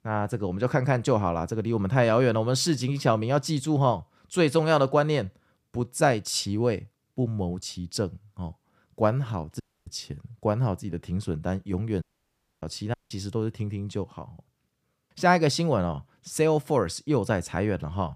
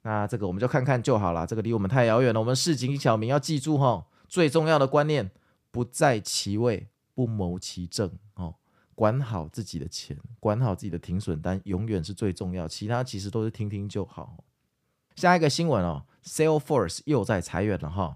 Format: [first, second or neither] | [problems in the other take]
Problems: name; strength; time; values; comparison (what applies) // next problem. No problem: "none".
second | audio cutting out; at 9.5 s, at 12 s for 0.5 s and at 13 s